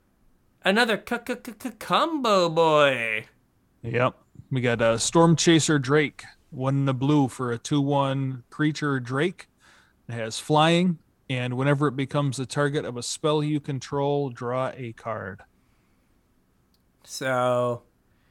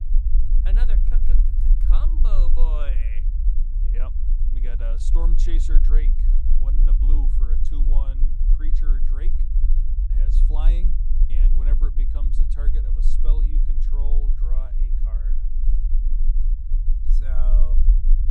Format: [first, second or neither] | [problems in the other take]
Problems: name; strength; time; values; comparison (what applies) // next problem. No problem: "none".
first | low rumble; loud; throughout; 4 dB below the speech